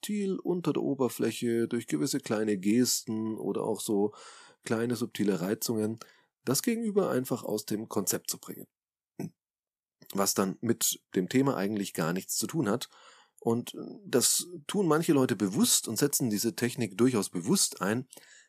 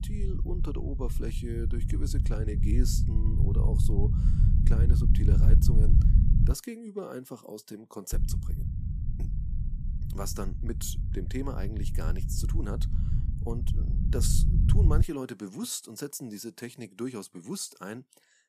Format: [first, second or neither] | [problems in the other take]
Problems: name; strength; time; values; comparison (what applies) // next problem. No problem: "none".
first | low rumble; loud; until 6.5 s and from 8 to 15 s; 4 dB below the speech